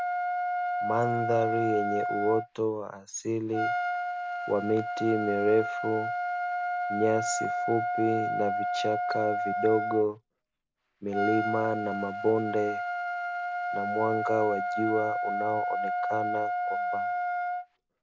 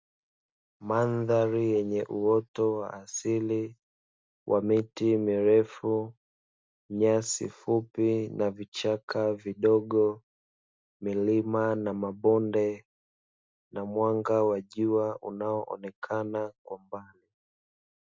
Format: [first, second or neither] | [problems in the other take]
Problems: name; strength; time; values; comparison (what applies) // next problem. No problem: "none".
second | background sound (Trumpet); as loud as the speech